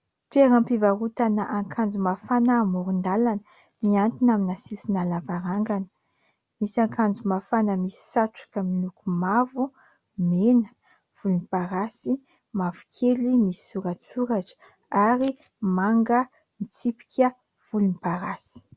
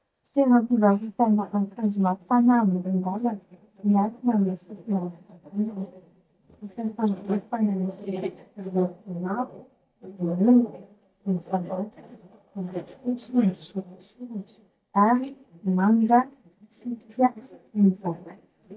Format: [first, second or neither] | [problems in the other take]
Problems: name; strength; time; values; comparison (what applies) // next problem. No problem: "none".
first | noise reduction (neural mask model DeepFilterNet 3)